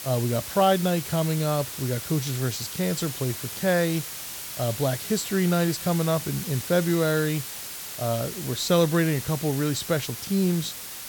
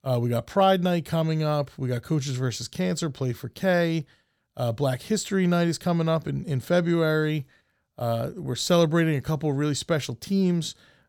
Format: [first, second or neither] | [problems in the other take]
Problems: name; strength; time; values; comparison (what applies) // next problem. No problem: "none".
second | hiss; loud; throughout; 8 dB below the speech